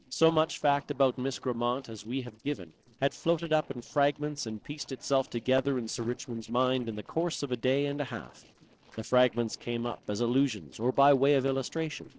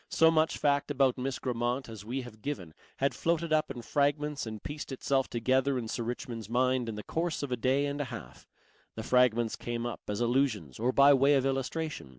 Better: second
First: noise reduction (neural separator model SepFormer DNS4)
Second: none

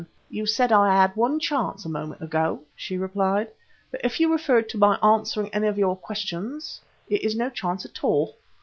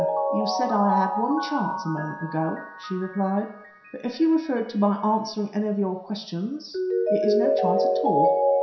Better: first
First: none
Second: background sound (Mallet percussion); as loud as the speech // room echo; dies away in 0.7 s

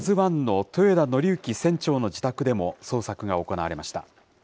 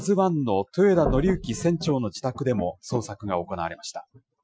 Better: first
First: none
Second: noise reduction (classical method Wiener filter)

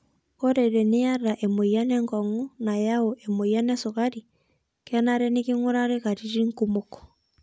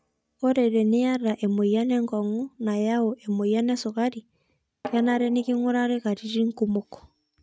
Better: first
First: none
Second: noise reduction (neural mask model RNNoise)

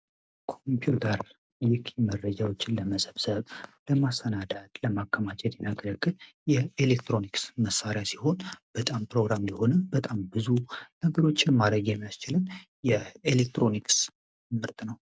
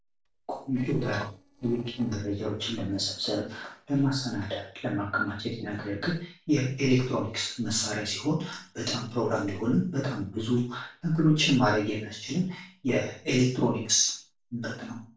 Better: first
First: none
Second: noise reduction (neural separator model SepFormer DNS4)

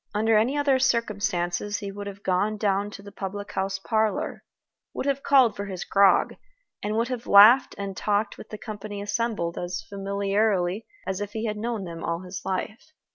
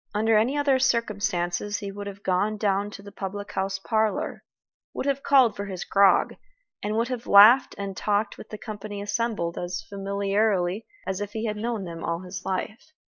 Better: first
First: none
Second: noise reduction (neural mask model Resemble Enhance denoiser)

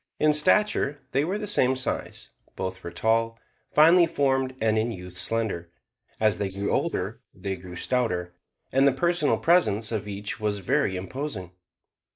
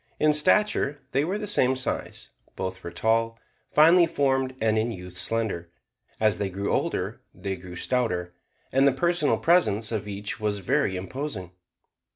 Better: second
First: noise reduction (neural mask model Resemble Enhance denoiser)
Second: none

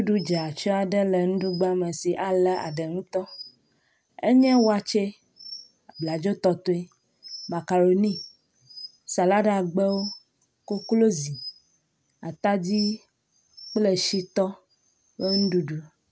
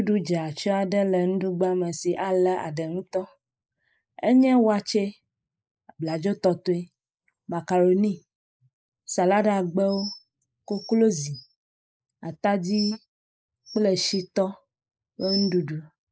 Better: first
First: none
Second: noise reduction (neural mask model Resemble Enhance denoiser)

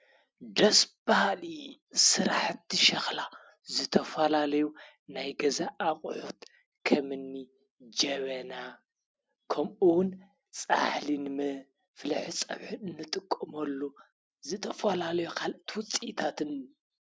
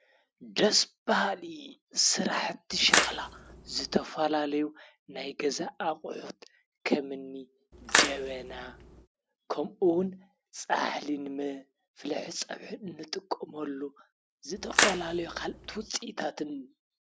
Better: first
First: none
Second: background sound (Splash, splatter); 2 dB above the speech

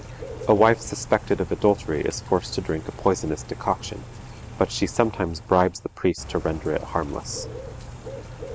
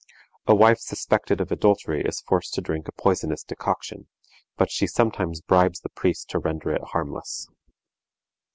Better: second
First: background sound (Bird / Rain); 13 dB below the speech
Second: none

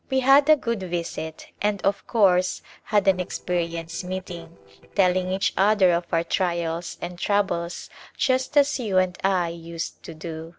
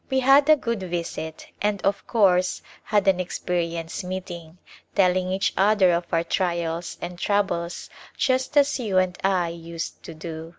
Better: second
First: noise reduction (neural separator model SepFormer DNS4)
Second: none

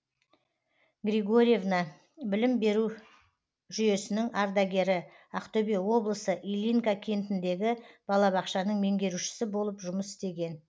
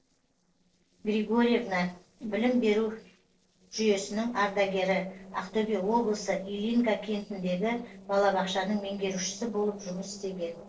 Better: first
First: none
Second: noise reduction (neural separator model SepFormer DNS4)

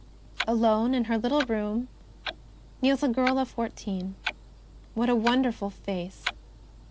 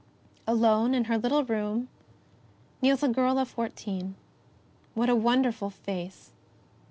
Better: second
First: background sound (Clock); 12 dB below the speech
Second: none

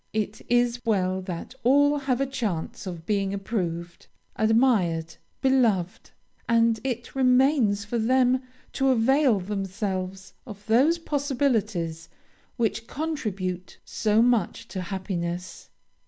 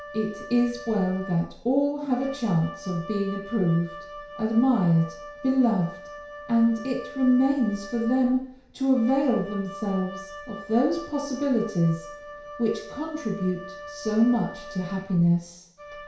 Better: first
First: none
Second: background sound (Wind instrument, woodwind instrument); 15 dB below the speech // room echo; dies away in 0.6 s

